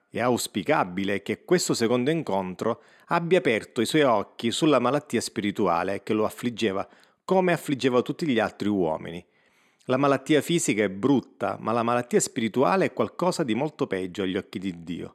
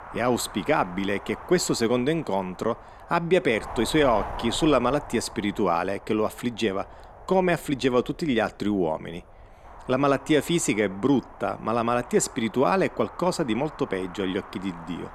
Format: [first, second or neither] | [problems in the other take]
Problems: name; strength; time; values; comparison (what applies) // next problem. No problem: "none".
first | wind noise on the microphone; occasional gusts; 15 dB below the speech